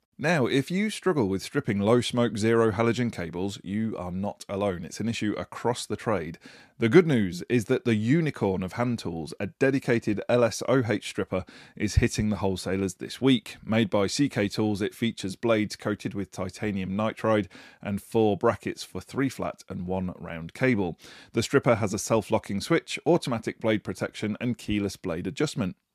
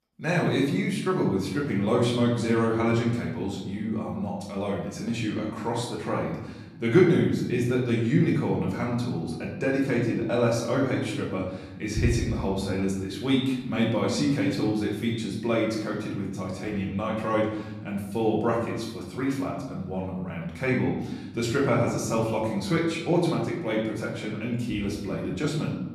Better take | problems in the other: first | off-mic speech; far // room echo; noticeable; dies away in 1.1 s

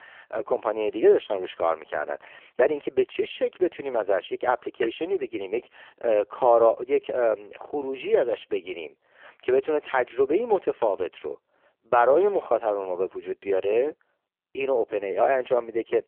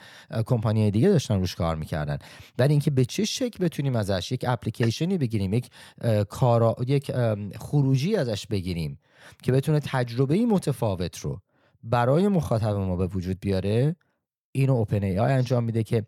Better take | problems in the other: second | phone-call audio; poor line; nothing above 3.5 kHz

